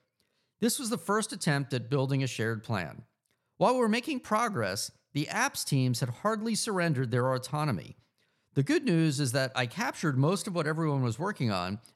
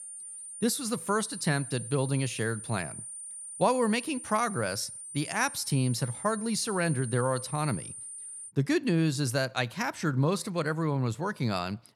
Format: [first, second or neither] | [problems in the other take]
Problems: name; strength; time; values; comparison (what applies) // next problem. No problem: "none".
first | high-pitched whine; loud; until 8.5 s; 9 kHz, 10 dB below the speech